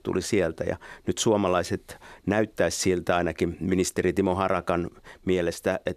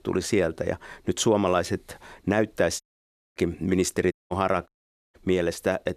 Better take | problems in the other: first | audio cutting out; at 3 s for 0.5 s, at 4 s and at 4.5 s

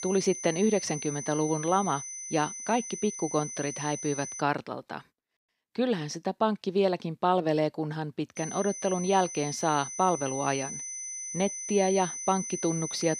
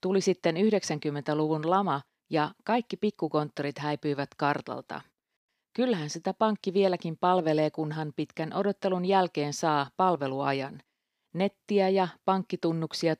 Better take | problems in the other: second | high-pitched whine; loud; until 4.5 s and from 8.5 s on; 6 kHz, 7 dB below the speech

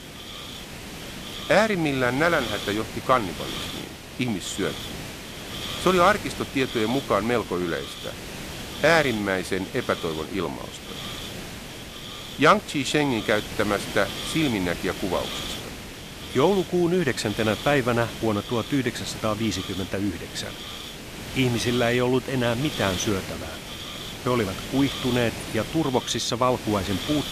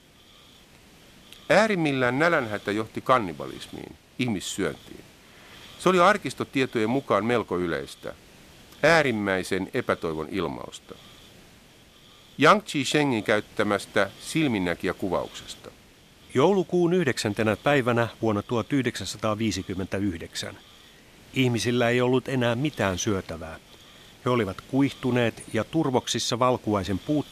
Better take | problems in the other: second | hiss; loud; throughout; 9 dB below the speech; faint in the second

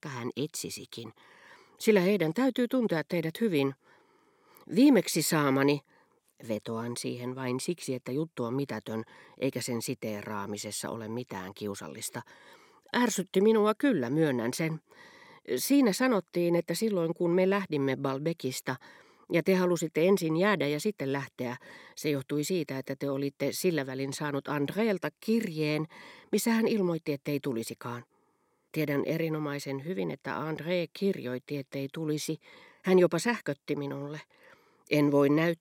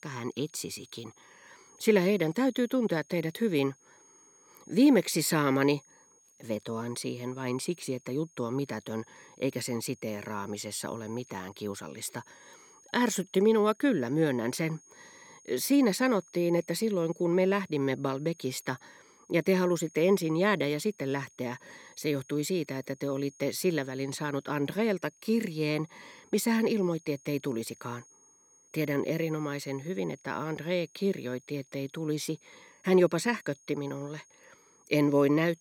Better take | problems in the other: first | high-pitched whine; faint; throughout; 6.5 kHz, 30 dB below the speech

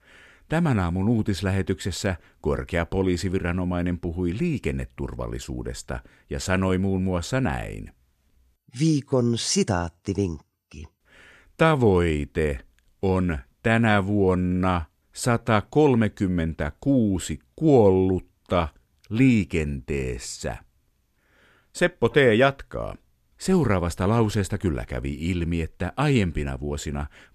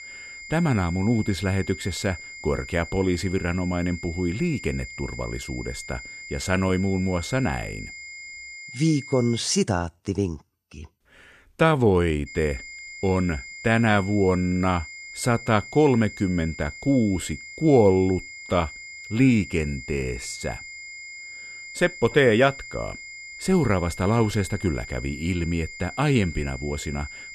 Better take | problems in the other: first | high-pitched whine; noticeable; until 9.5 s and from 12 s on; 2 kHz, 15 dB below the speech

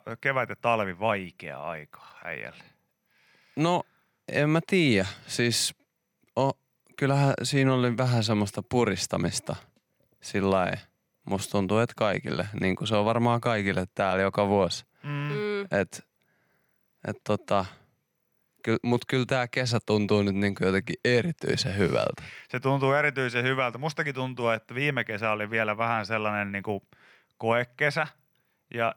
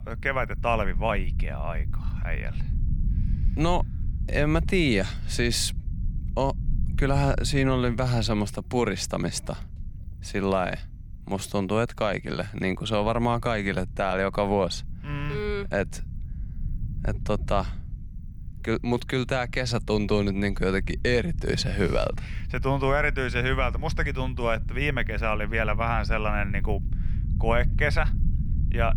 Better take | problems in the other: first | low rumble; faint; throughout; 20 dB below the speech

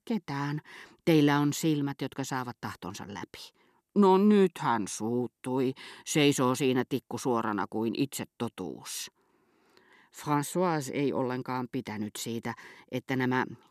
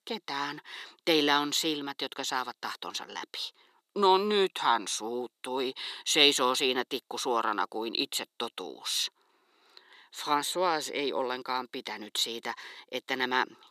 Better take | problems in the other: first | thin; somewhat; fading below 500 Hz

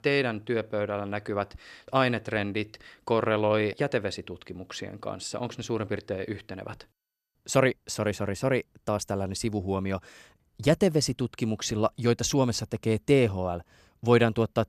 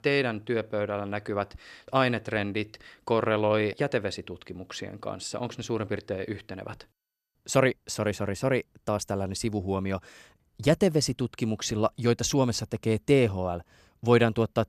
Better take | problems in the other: neither | none

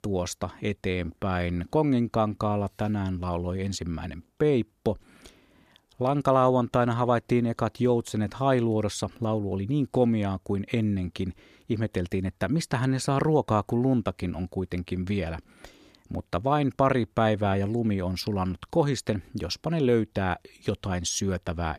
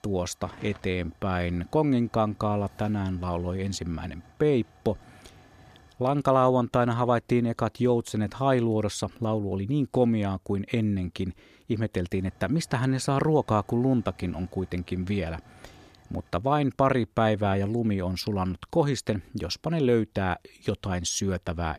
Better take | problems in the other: first | hiss; faint; until 9 s and from 12 to 16 s; 30 dB below the speech

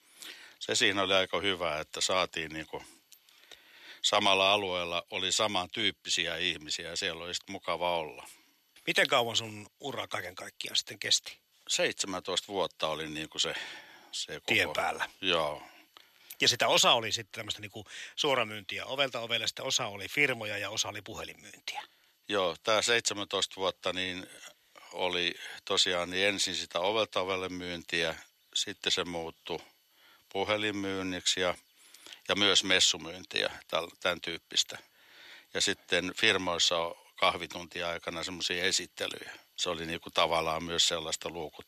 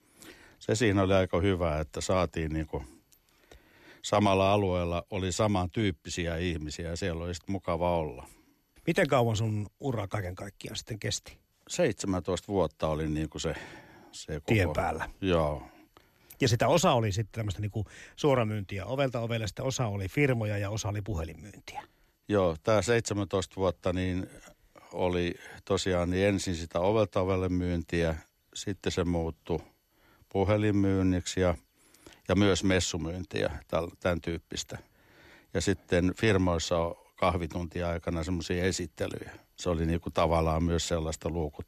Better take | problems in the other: second | thin; somewhat; fading below 1 kHz

